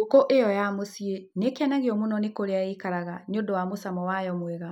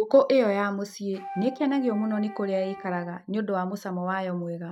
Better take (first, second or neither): first